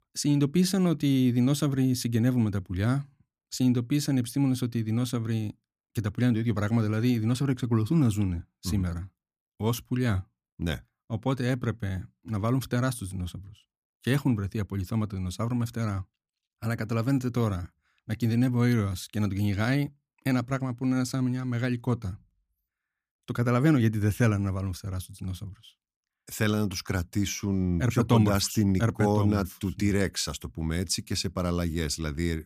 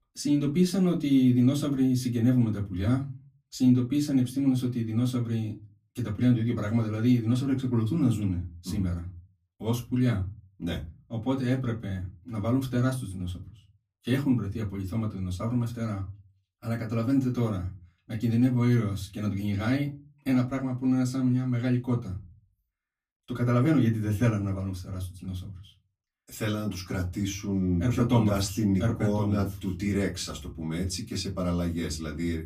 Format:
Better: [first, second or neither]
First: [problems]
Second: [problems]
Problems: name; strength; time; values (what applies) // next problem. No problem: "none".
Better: first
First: none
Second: off-mic speech; far // room echo; very slight; dies away in 0.2 s